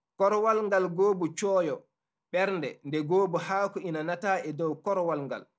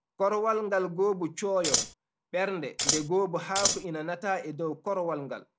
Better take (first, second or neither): first